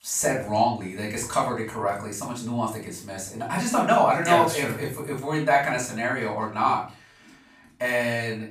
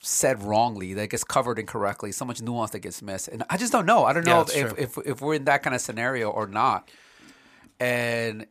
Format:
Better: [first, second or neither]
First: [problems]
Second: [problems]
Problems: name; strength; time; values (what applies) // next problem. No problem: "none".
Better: second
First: off-mic speech; far // room echo; slight; dies away in 0.3 s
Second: none